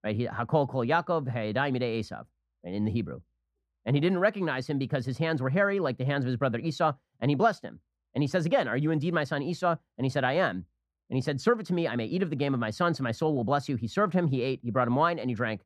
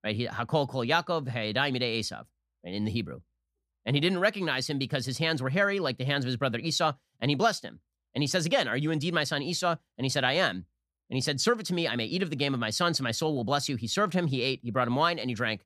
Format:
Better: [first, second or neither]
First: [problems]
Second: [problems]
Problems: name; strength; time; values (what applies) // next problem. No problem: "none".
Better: second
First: muffled; slightly; fading above 2.5 kHz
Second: none